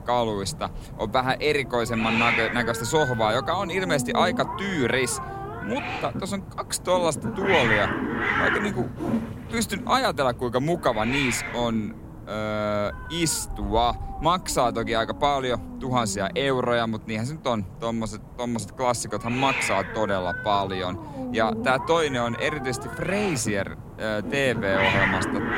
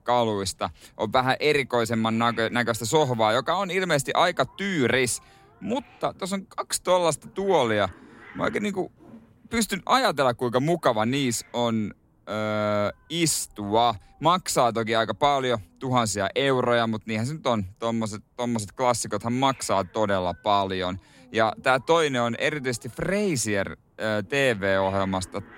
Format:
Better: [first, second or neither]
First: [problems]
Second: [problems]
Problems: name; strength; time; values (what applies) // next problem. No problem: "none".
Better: second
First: hiss; loud; throughout; 4 dB below the speech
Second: hiss; faint; throughout; 25 dB below the speech